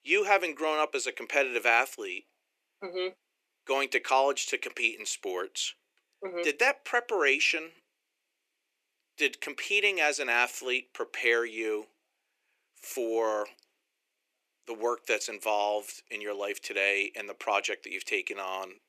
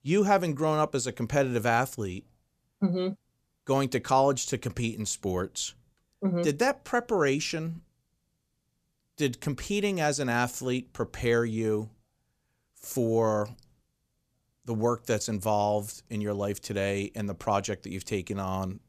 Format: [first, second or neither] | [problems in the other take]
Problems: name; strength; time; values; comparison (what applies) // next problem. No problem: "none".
second | thin; very; fading below 350 Hz